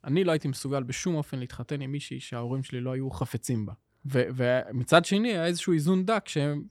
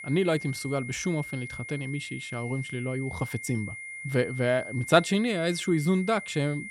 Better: first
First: none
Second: high-pitched whine; loud; throughout; 2 kHz, 10 dB below the speech

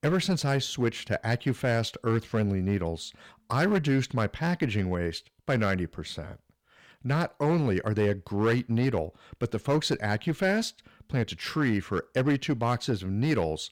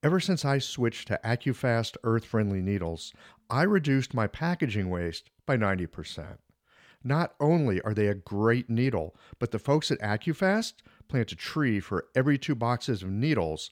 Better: second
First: distortion; slight; 6% of the sound clipped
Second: none

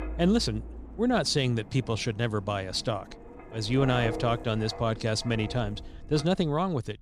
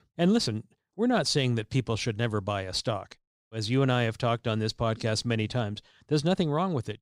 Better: second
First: wind noise on the microphone; occasional gusts; 15 dB below the speech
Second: none

